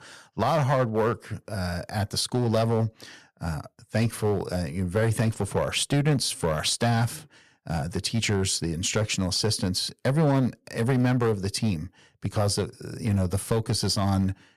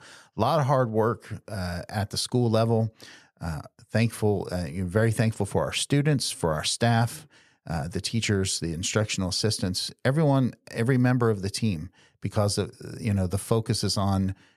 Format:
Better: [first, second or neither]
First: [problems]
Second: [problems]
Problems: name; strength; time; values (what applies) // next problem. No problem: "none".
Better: second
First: distortion; slight; 5% of the sound clipped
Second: none